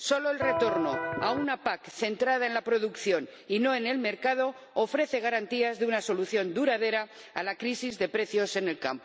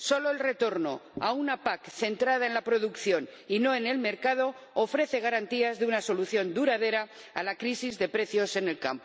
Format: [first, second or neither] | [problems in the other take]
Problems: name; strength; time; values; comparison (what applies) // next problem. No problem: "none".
second | background sound (Electric guitar); 2 dB below the speech